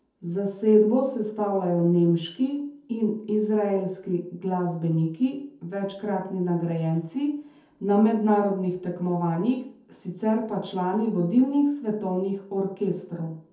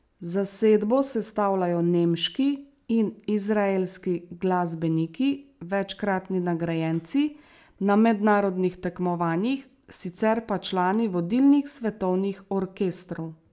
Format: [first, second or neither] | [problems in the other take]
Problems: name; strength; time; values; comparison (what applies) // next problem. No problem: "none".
second | room echo; dies away in 0.5 s